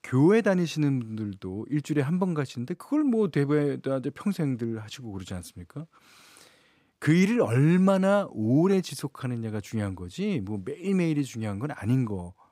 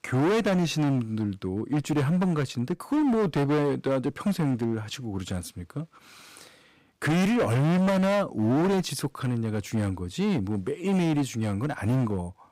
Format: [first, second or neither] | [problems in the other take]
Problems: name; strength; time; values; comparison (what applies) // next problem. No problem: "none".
first | distortion; heavy; 18% of the sound clipped